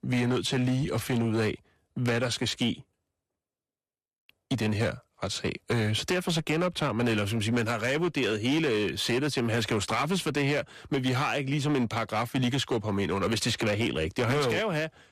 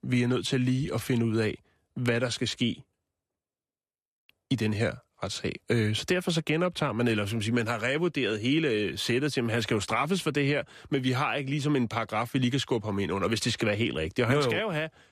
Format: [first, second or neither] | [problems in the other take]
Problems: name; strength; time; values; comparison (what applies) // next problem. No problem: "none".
second | distortion; slight; 11% of the sound clipped